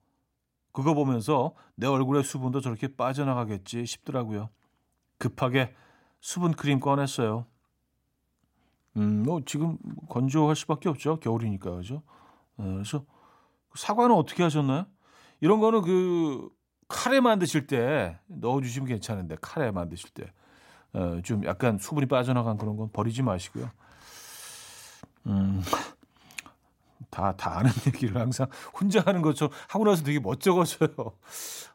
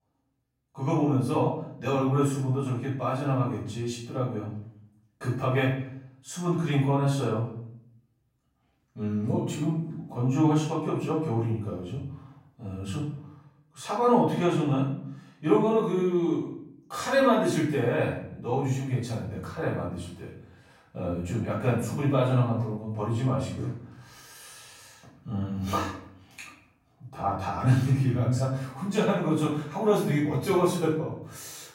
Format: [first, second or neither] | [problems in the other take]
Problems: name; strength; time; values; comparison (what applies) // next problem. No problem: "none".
first | off-mic speech; far // room echo; noticeable; dies away in 0.6 s